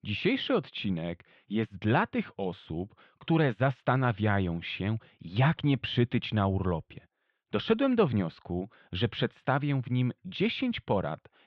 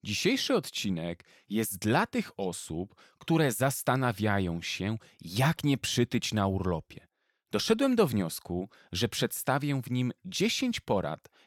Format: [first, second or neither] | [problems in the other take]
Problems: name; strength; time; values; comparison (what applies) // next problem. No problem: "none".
second | muffled; very; fading above 3.5 kHz